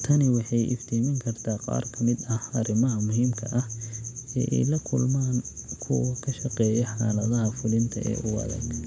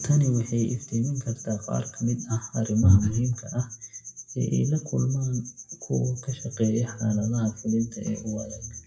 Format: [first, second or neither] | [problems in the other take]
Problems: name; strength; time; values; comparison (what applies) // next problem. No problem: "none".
first | noise reduction (classical method WPE with log-MMSE)